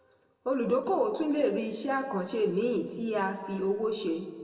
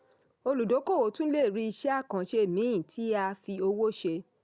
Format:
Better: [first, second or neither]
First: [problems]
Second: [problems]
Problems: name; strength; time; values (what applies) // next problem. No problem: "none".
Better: second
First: room echo; dies away in 1.7 s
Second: none